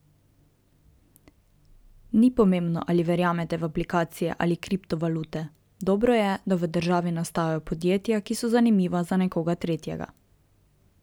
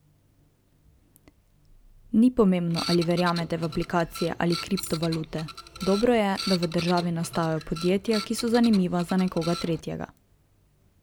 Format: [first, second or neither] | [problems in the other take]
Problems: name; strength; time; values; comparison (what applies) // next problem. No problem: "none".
first | background sound (Tambourine + Printer); 12 dB below the speech